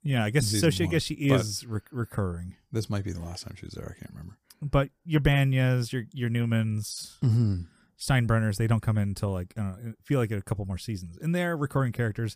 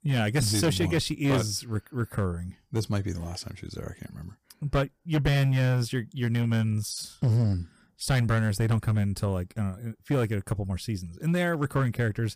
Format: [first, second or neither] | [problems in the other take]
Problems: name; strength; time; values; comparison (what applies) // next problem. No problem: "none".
first | distortion; slight; 7% of the sound clipped